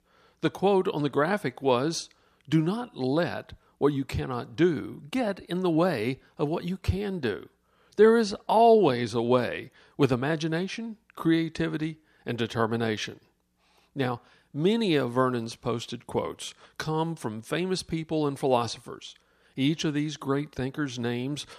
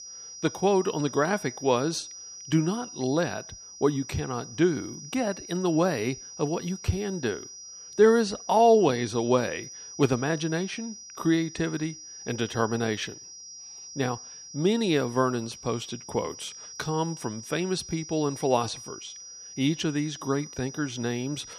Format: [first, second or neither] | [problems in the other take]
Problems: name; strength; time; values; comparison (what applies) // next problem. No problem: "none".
first | high-pitched whine; noticeable; throughout; 5.5 kHz, 15 dB below the speech